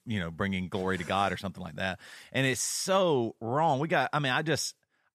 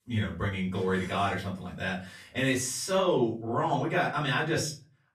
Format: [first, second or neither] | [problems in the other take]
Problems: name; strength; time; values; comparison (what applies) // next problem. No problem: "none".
first | room echo; slight; dies away in 0.3 s // off-mic speech; far